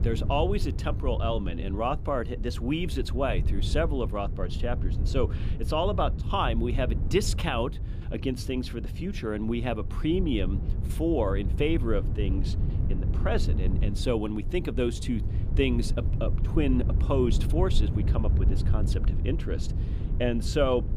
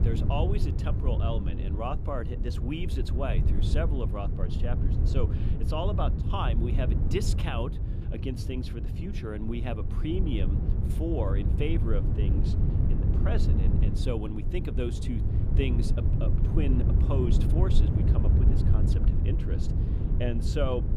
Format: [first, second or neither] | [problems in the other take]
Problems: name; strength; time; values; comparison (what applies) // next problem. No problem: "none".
first | wind noise on the microphone; heavy; 4 dB below the speech; occasional gusts in the first